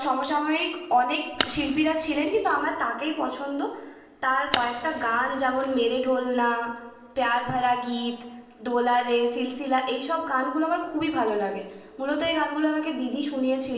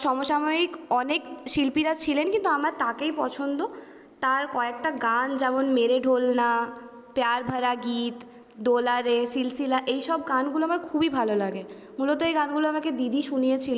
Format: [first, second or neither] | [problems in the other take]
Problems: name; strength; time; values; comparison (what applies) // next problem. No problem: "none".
second | background sound (Fire); 10 dB below the speech // room echo; dies away in 0.6 s